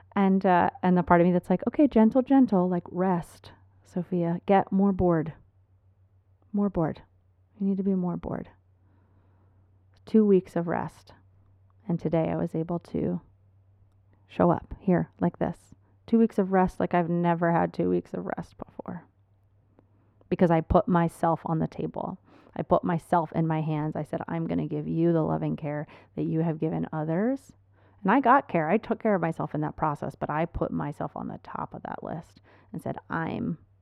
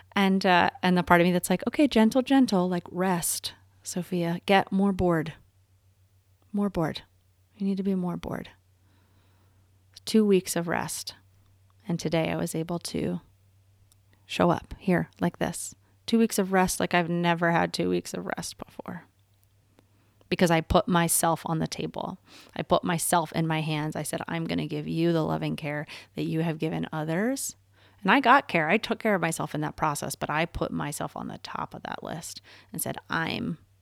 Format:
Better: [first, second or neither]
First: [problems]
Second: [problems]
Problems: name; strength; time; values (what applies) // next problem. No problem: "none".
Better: second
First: muffled; very; fading above 2.5 kHz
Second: none